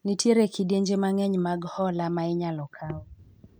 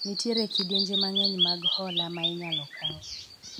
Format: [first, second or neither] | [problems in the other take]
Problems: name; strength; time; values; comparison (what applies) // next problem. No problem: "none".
first | background sound (Bird vocalization, bird call, bird song); 4 dB above the speech